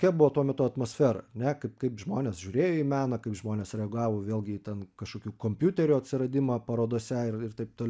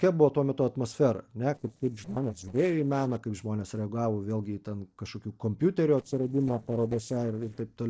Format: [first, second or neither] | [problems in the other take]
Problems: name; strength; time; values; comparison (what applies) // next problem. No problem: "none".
first | noise reduction (neural separator model SepFormer DNS4)